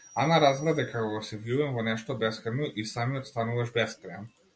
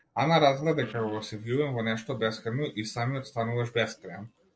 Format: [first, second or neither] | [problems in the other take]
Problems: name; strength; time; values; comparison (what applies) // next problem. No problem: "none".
first | noise reduction (neural separator model SepFormer DNS4)